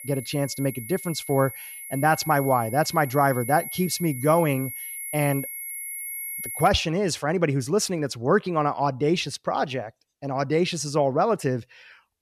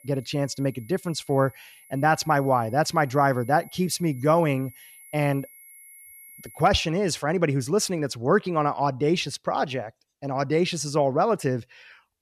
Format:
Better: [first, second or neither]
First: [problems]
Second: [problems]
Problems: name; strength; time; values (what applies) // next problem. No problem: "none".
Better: second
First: high-pitched whine; loud; until 6.5 s; 11.5 kHz, 9 dB below the speech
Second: high-pitched whine; faint; until 6.5 s; 11.5 kHz, 25 dB below the speech